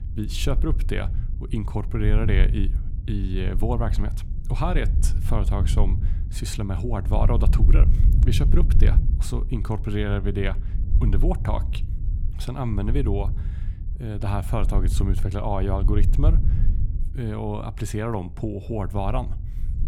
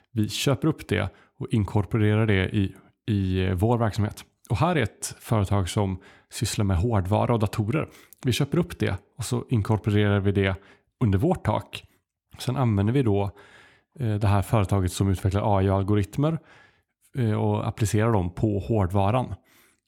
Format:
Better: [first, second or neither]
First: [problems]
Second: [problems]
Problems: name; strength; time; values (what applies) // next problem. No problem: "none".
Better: second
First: low rumble; noticeable; throughout; 10 dB below the speech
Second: none